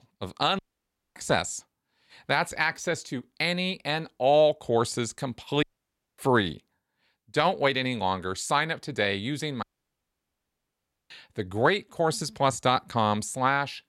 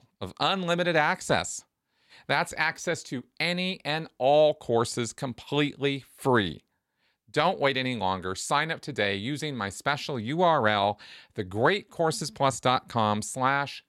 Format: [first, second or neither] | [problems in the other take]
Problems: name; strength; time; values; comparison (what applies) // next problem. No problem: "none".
second | audio cutting out; at 0.5 s for 0.5 s, at 5.5 s for 0.5 s and at 9.5 s for 1.5 s